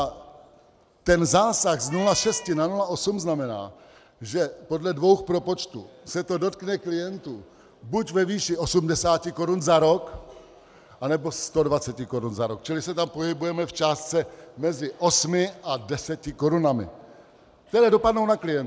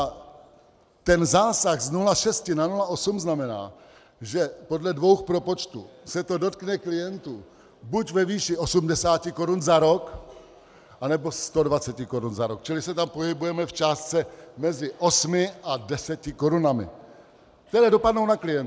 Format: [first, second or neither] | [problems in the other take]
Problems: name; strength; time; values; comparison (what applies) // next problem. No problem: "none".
second | background sound (Meow); 15 dB below the speech